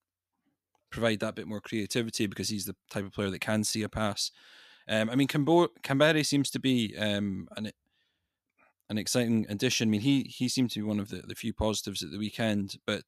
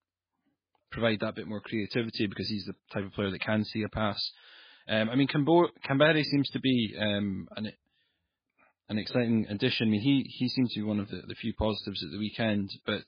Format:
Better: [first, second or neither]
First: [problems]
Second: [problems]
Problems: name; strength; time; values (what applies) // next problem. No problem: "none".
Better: first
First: none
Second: garbled, watery; badly